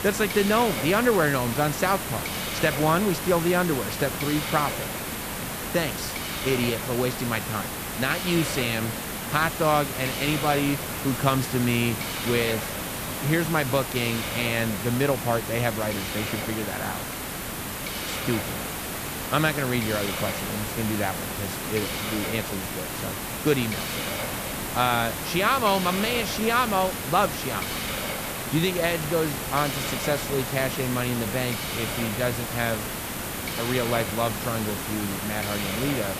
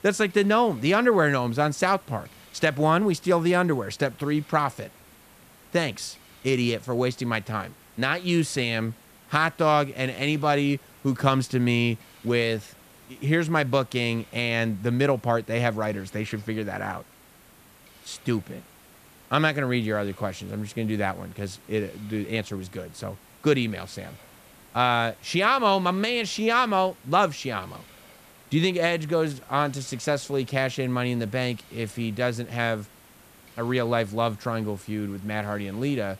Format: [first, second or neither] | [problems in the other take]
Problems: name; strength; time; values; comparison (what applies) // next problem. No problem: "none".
second | hiss; loud; throughout; 3 dB below the speech; faint in the second